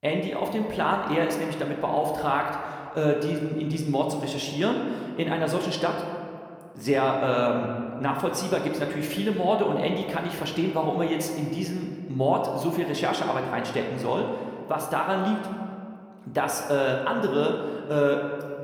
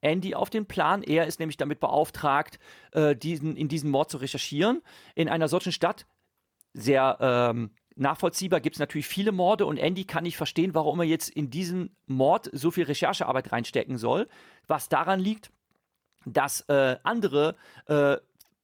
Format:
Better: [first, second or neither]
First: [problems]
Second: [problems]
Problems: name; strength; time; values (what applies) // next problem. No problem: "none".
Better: second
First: room echo; slight; dies away in 1.7 s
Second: none